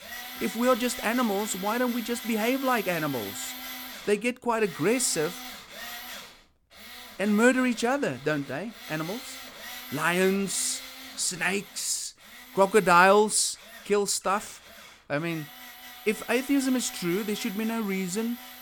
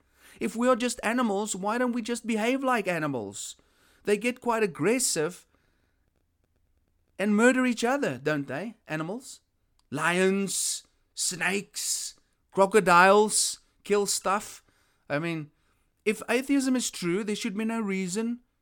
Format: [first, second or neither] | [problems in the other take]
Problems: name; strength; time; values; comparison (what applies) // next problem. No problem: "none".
second | machinery noise; noticeable; throughout; 15 dB below the speech